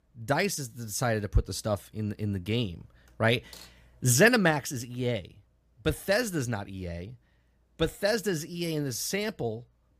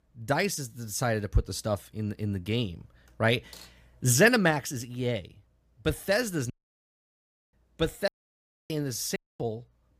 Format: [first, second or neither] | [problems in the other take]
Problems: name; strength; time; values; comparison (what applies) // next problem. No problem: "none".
first | audio cutting out; at 6.5 s for 1 s, at 8 s for 0.5 s and at 9 s